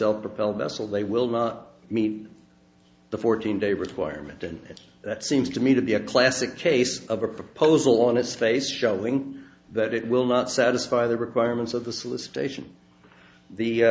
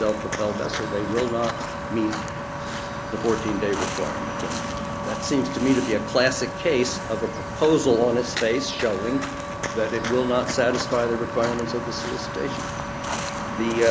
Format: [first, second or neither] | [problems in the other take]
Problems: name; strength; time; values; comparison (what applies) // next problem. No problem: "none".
first | background sound (Walk, footsteps + Wind instrument, woodwind instrument); 5 dB below the speech